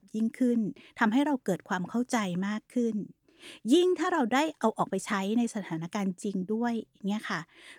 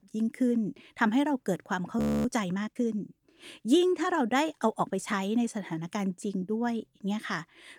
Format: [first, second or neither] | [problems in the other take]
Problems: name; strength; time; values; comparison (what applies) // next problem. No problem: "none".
first | audio freezing; at 2 s